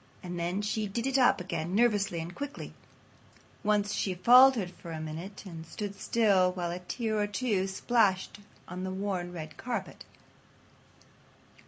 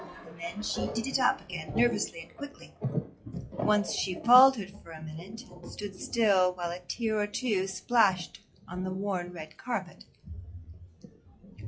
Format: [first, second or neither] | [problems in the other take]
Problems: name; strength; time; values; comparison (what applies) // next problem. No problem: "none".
first | noise reduction (classical method log-MMSE)